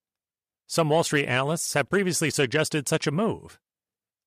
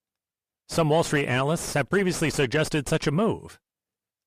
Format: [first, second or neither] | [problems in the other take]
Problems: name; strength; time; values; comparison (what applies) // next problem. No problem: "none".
first | distortion; slight; 8 dB below the speech